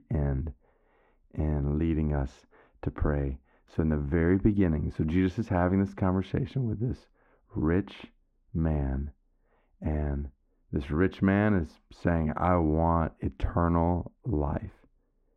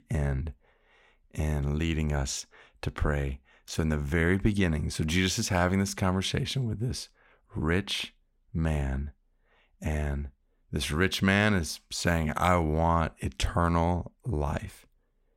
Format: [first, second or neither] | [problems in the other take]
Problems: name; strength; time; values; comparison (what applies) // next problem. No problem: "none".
second | muffled; very; fading above 3 kHz